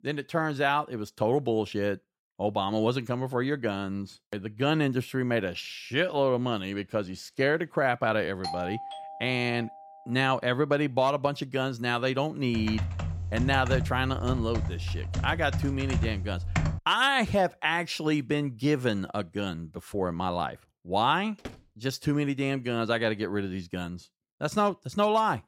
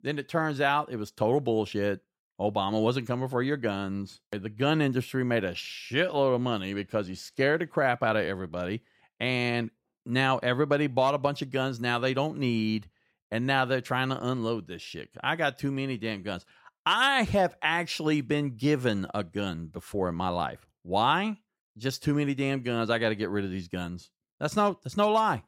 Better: second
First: doorbell; noticeable; from 8.5 to 10 s; peak 7 dB below the speech // keyboard typing; noticeable; from 13 to 17 s; peak 1 dB below the speech // door banging; faint; at 21 s; peak 15 dB below the speech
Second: none

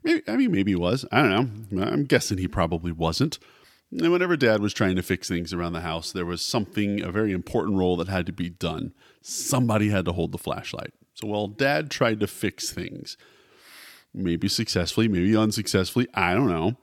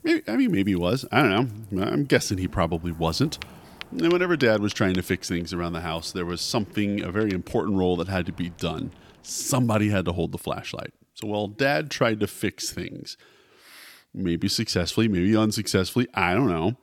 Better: first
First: none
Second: rain or running water; faint; throughout; 20 dB below the speech

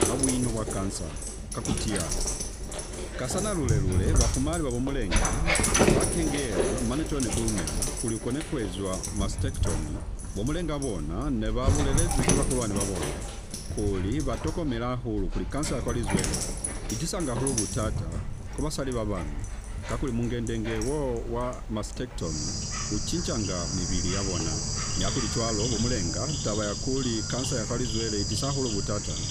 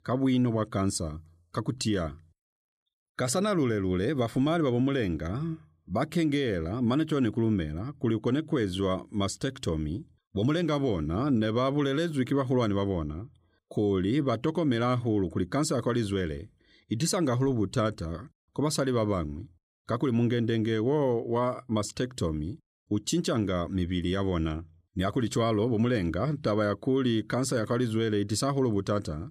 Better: second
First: animal sounds; very loud; throughout; 2 dB above the speech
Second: none

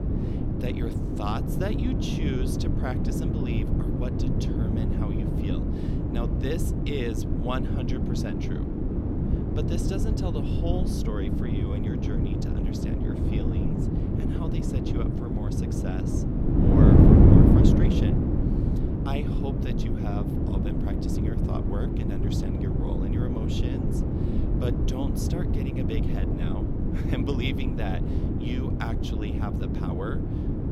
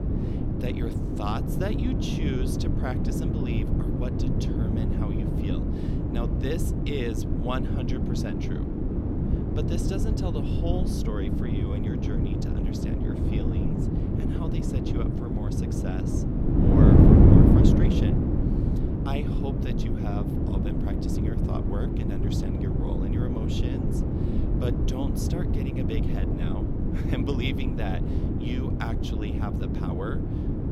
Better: neither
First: wind noise on the microphone; heavy; 5 dB above the speech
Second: wind noise on the microphone; heavy; 5 dB above the speech

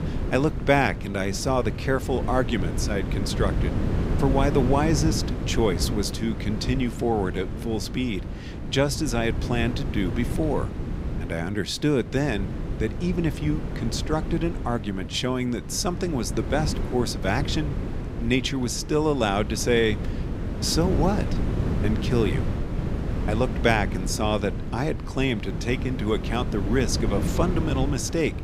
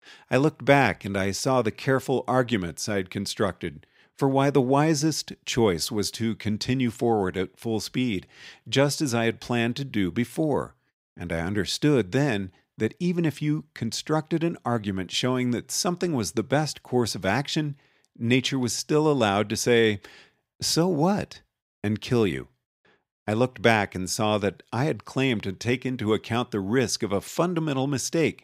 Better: second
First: wind noise on the microphone; heavy; 10 dB below the speech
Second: none

